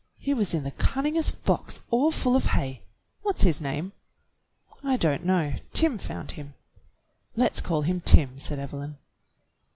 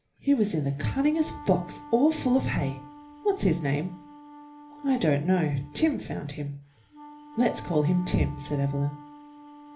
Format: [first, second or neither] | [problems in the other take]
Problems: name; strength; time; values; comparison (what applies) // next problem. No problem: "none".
first | background sound (Wind instrument, woodwind instrument); 18 dB below the speech // room echo; dies away in 0.3 s